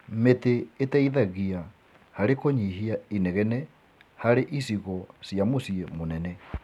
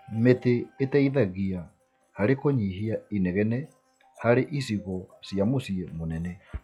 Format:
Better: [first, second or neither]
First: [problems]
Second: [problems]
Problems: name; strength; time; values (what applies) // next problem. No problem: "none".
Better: first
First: none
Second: noise reduction (classical method log-MMSE)